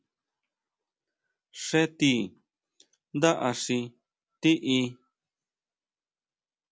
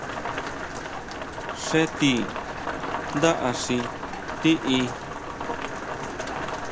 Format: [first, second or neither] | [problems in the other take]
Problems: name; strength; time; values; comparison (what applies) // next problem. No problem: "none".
first | background sound (Rain); 4 dB below the speech